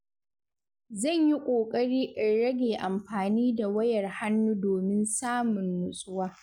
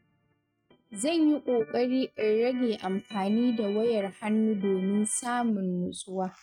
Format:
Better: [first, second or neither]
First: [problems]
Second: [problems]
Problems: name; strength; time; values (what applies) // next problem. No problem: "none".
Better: first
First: none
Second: noise reduction (neural mask model RNNoise)